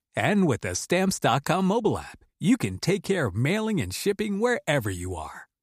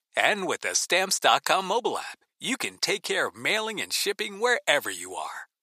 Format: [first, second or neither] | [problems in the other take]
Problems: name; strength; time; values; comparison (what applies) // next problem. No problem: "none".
first | thin; very; fading below 600 Hz